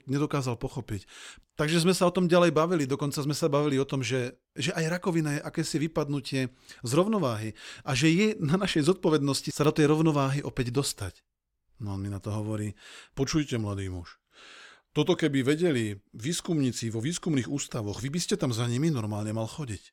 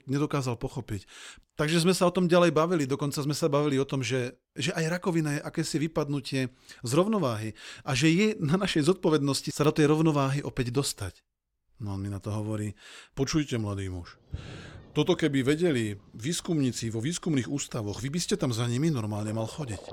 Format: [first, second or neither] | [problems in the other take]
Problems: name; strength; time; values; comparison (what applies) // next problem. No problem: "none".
first | rain or running water; faint; from 14 s on; 20 dB below the speech